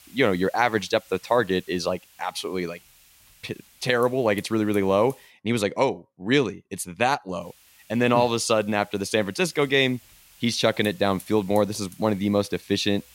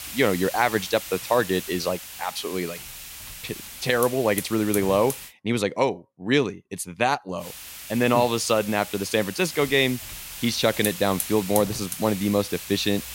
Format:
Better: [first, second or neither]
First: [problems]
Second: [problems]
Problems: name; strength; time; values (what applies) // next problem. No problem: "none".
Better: first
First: hiss; faint; until 5.5 s and from 7.5 s on; 25 dB below the speech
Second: hiss; loud; until 5.5 s and from 7.5 s on; 10 dB below the speech